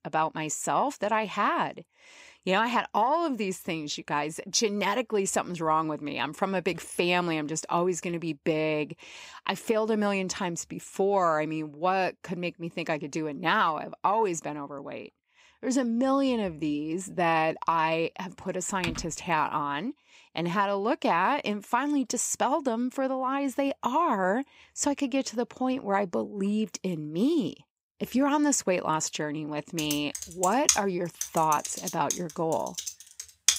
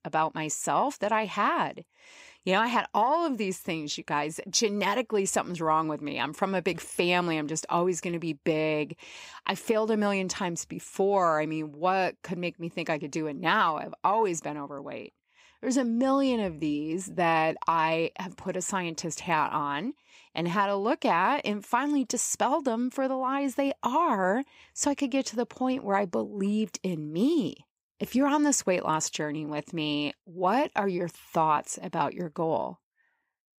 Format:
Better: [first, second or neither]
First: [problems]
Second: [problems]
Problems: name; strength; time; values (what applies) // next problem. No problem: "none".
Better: second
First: keyboard typing; noticeable; at 19 s; peak 8 dB below the speech // keyboard typing; loud; from 30 s on; peak 4 dB above the speech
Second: none